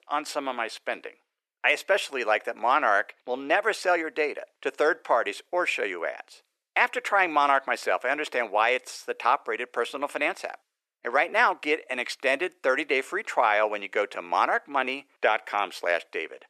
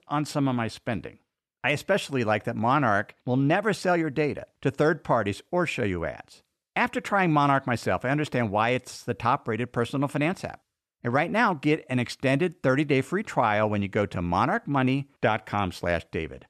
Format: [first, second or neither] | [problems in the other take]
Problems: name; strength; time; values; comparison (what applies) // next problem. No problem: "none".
second | thin; very; fading below 400 Hz